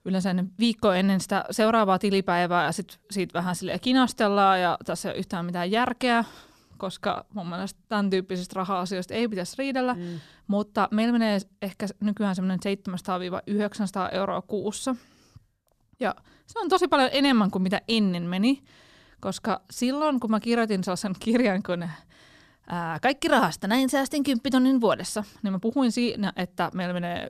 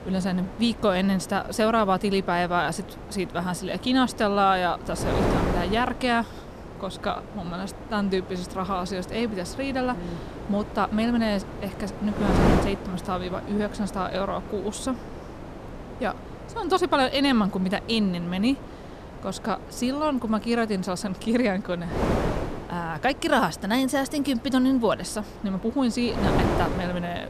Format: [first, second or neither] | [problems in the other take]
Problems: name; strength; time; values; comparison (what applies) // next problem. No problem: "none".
first | wind noise on the microphone; heavy; 8 dB below the speech